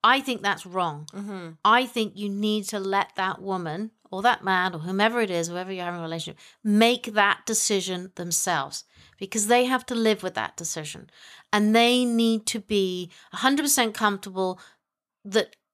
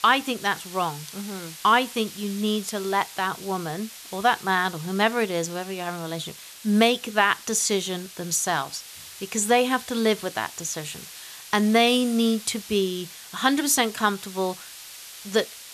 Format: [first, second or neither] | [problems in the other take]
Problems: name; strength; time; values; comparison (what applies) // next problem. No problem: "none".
first | hiss; noticeable; throughout; 15 dB below the speech